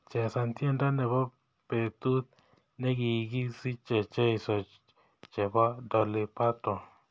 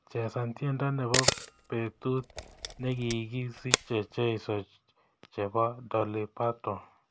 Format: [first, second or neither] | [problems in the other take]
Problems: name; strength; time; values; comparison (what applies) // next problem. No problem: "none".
first | background sound (Camera); 1 dB below the speech